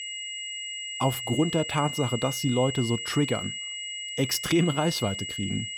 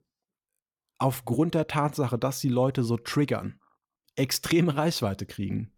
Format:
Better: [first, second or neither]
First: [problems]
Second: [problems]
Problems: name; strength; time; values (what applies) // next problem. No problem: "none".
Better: second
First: high-pitched whine; loud; throughout; 3 kHz, 5 dB below the speech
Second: none